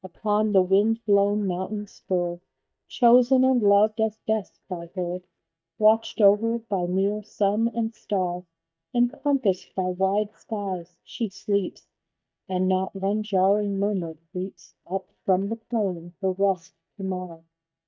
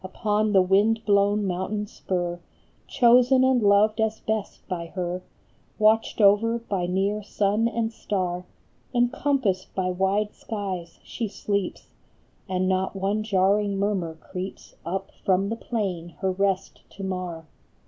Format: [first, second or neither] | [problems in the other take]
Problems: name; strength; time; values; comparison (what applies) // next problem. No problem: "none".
second | noise reduction (neural mask model DeepFilterNet 3)